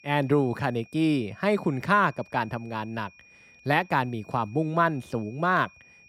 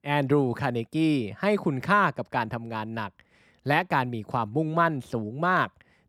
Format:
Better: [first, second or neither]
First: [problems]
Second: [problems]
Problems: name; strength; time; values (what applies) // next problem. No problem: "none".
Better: second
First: high-pitched whine; faint; throughout; 2.5 kHz, 25 dB below the speech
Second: none